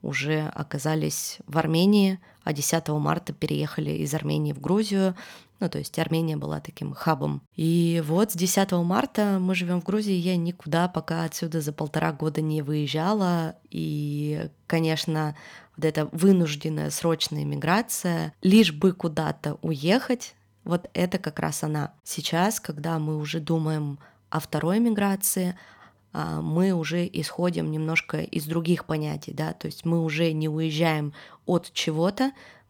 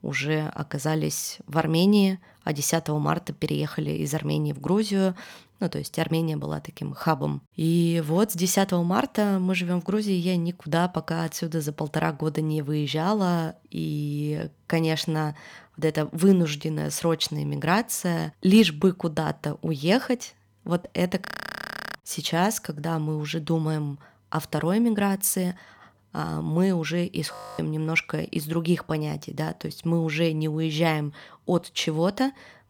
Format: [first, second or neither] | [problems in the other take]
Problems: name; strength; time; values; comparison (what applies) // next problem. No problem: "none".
first | audio freezing; at 21 s for 0.5 s and at 27 s